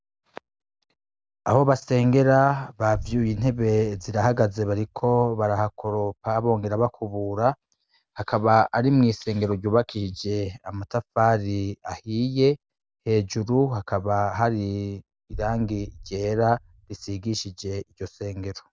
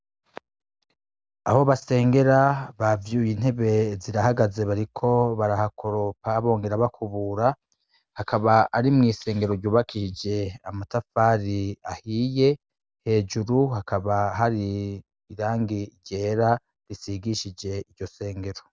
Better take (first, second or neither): second